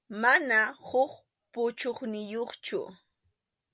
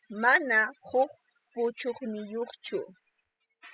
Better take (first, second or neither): first